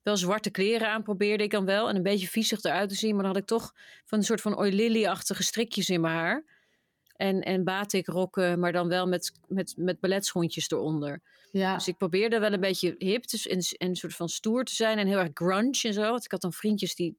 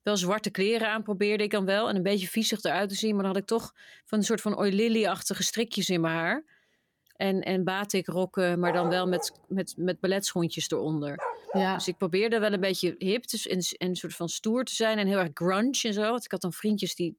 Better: first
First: none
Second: dog barking; noticeable; from 8.5 to 12 s; peak 4 dB below the speech

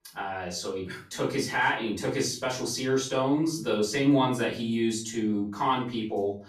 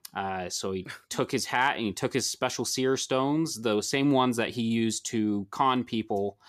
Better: second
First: off-mic speech; far // room echo; slight; dies away in 0.4 s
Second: none

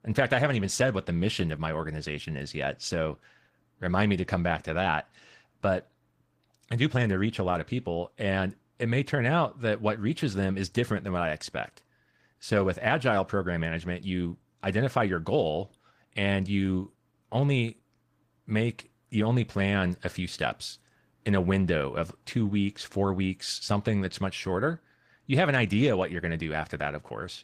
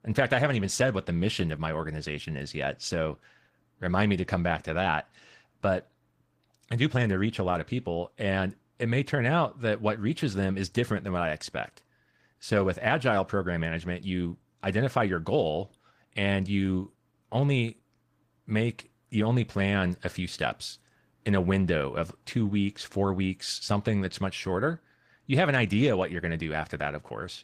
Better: neither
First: garbled, watery; slightly; nothing above 15 kHz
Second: garbled, watery; slightly; nothing above 15 kHz

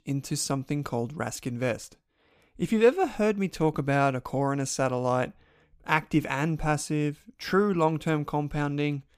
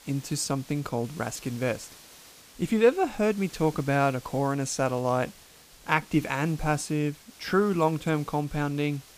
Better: first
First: none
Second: hiss; faint; throughout; 20 dB below the speech

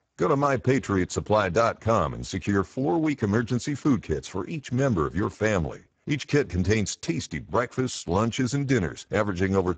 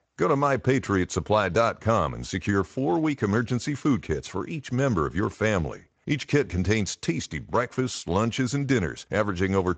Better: second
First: garbled, watery; badly; nothing above 7.5 kHz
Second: garbled, watery; slightly; nothing above 7.5 kHz

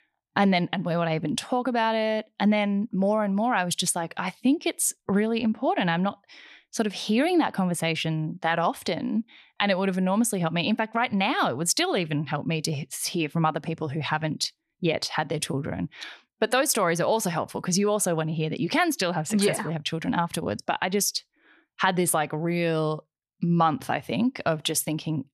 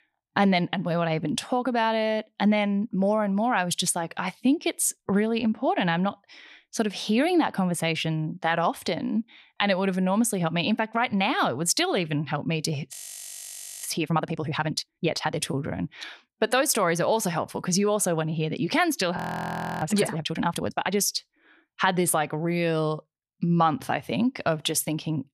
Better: first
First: none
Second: audio freezing; at 13 s for 1 s and at 19 s for 0.5 s

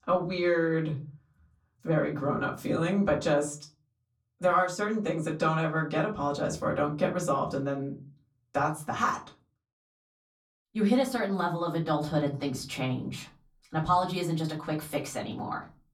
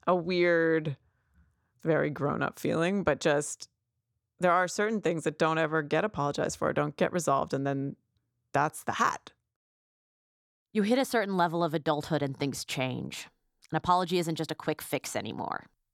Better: second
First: off-mic speech; far // room echo; very slight; dies away in 0.3 s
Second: none

